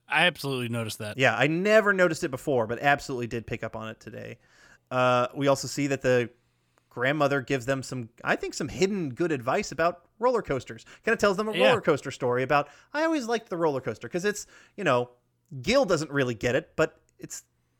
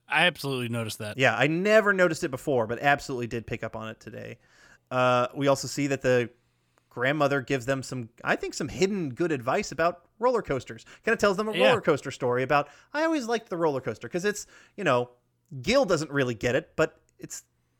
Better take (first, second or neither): neither